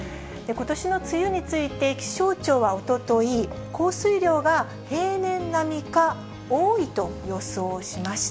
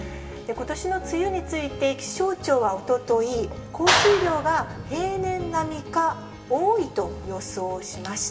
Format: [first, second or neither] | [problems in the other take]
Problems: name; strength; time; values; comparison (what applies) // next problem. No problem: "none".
first | background sound (Clapping); 1 dB below the speech // room echo; dies away in 1.2 s